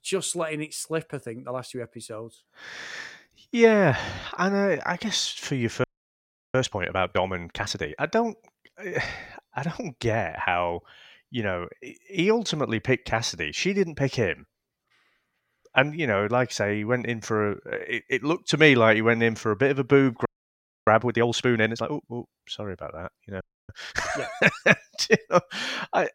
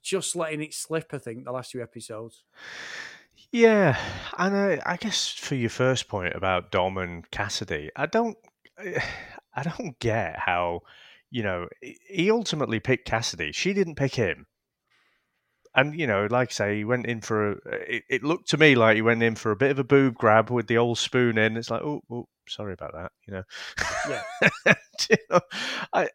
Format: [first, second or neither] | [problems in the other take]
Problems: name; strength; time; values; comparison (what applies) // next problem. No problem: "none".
second | audio freezing; at 6 s for 0.5 s, at 20 s for 0.5 s and at 23 s